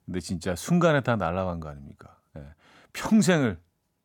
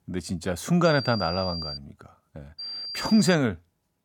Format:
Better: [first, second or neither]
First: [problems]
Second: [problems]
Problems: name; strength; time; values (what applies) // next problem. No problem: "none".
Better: first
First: none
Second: high-pitched whine; loud; at 1 s and at 2.5 s; 4.5 kHz, 9 dB below the speech